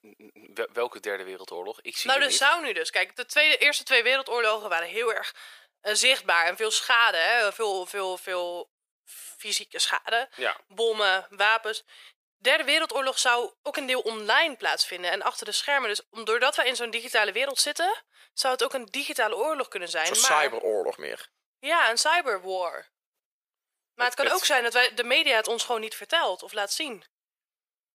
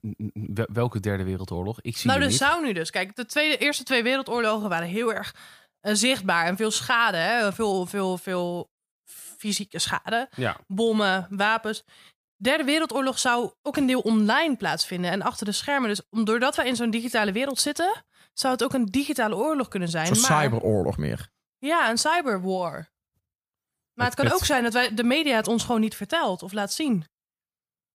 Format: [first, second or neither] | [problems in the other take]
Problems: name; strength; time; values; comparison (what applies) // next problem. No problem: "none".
second | thin; very; fading below 450 Hz